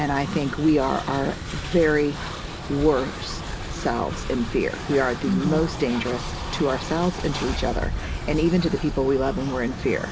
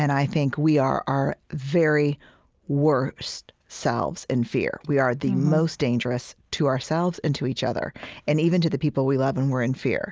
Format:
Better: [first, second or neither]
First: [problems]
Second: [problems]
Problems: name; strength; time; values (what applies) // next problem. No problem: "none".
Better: second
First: background sound (Train); 7 dB below the speech // room echo; dies away in 0.3 s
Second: none